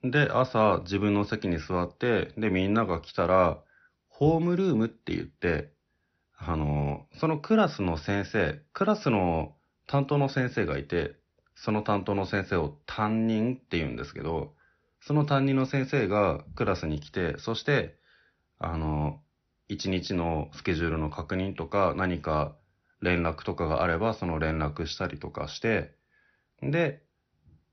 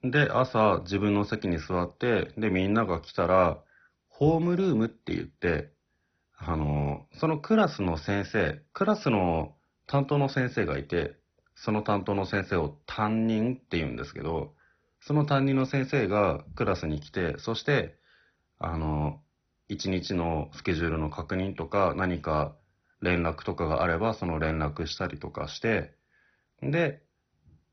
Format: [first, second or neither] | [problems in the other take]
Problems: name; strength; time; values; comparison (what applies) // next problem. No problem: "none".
first | garbled, watery; badly; nothing above 6 kHz; slightly in the first